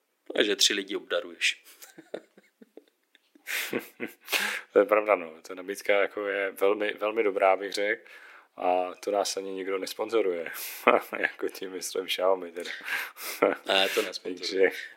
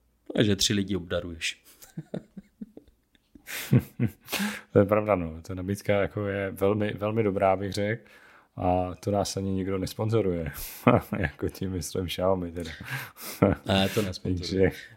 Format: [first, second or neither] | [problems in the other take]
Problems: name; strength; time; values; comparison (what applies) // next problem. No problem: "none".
second | thin; very; fading below 350 Hz